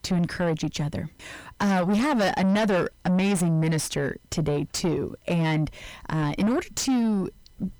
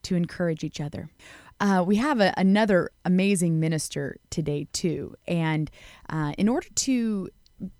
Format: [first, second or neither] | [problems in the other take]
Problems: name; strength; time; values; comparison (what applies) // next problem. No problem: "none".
second | distortion; heavy; 6 dB below the speech